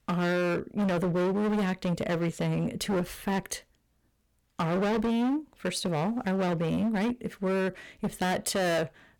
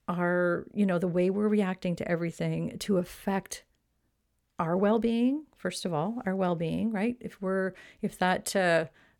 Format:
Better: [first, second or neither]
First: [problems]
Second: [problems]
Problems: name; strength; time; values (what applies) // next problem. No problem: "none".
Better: second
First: distortion; heavy; 22% of the sound clipped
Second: none